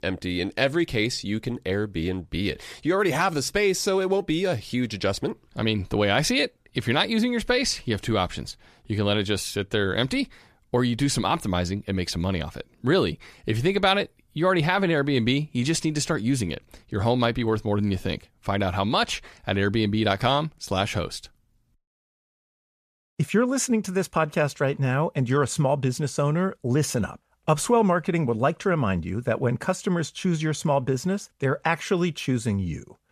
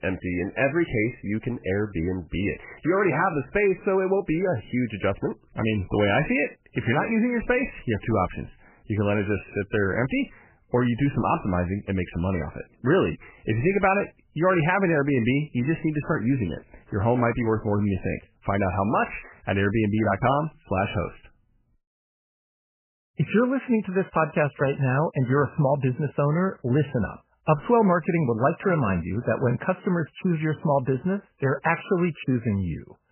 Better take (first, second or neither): first